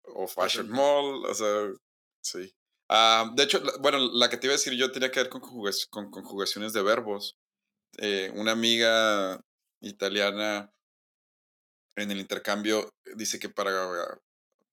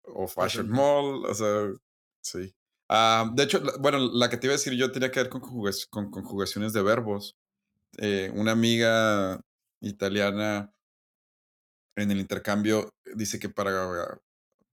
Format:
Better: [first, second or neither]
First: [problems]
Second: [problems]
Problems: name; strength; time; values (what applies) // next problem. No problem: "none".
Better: second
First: thin; very slightly; fading below 300 Hz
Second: none